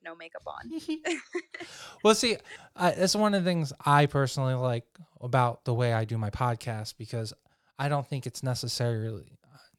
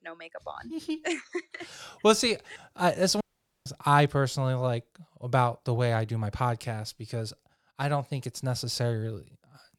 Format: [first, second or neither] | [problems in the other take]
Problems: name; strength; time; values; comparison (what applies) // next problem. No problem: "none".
first | audio cutting out; at 3 s